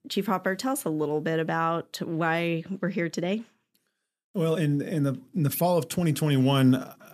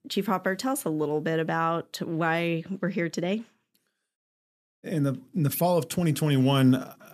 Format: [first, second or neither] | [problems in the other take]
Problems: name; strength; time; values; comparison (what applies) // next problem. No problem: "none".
first | audio cutting out; at 4 s for 0.5 s